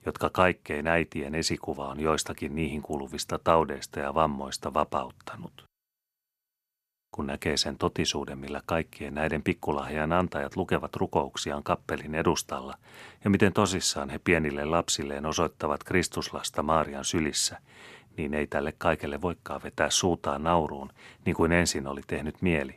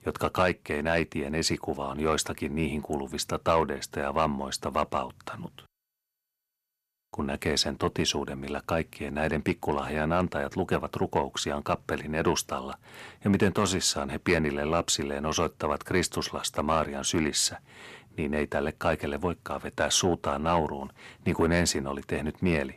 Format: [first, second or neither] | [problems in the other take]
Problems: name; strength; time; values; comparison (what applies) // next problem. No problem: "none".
first | distortion; slight; 10 dB below the speech